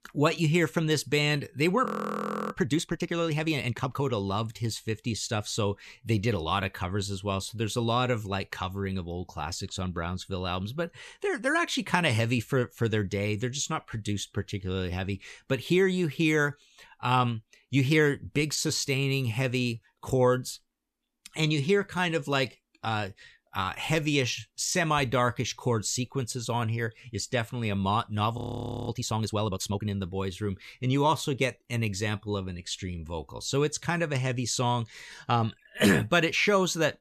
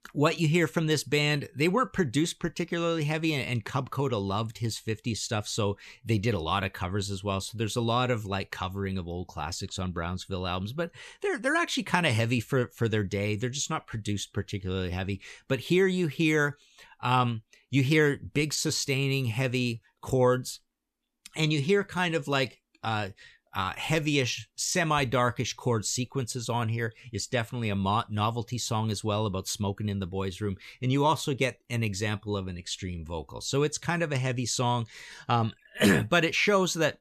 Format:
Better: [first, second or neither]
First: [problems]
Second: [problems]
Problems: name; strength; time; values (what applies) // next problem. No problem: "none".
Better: second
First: audio freezing; at 2 s for 0.5 s and at 28 s for 0.5 s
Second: none